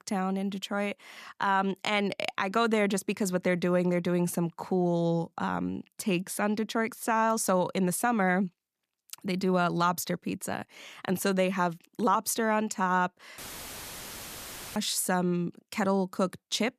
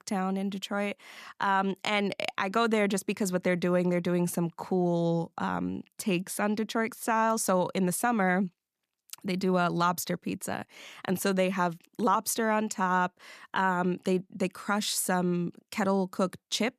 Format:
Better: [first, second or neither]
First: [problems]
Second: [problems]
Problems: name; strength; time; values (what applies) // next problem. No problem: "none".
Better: second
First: audio cutting out; filled with static; at 13 s for 1.5 s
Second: none